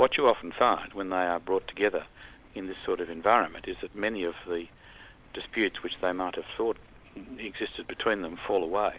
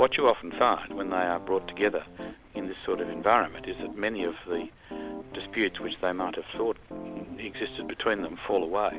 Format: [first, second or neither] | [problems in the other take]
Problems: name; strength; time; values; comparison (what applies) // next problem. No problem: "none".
first | background sound (Piano); 12 dB below the speech